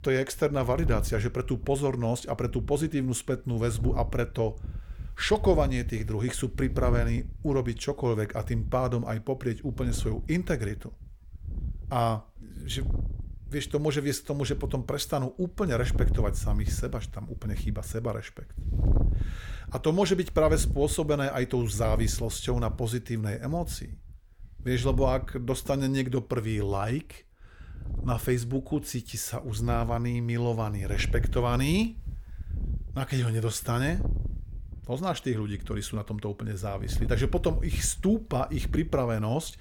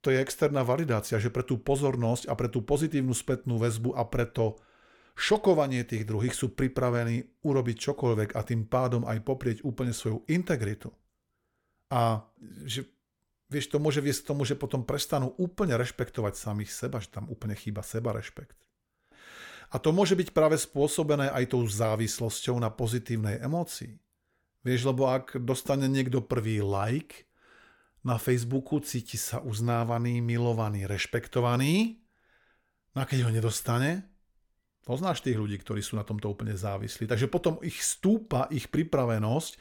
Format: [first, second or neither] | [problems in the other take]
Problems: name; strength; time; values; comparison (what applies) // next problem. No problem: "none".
second | wind noise on the microphone; occasional gusts; 20 dB below the speech